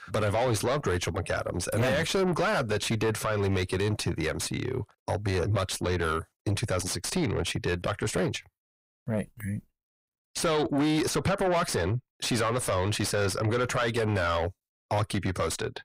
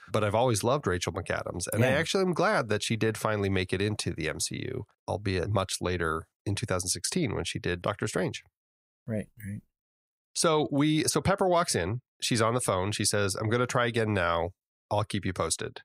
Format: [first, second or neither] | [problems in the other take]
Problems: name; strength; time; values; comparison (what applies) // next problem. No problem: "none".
second | distortion; heavy; 6 dB below the speech